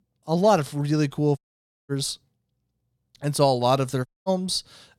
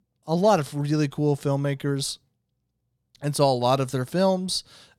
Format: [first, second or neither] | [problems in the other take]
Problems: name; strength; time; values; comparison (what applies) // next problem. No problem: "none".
second | audio cutting out; at 1.5 s for 0.5 s and at 4 s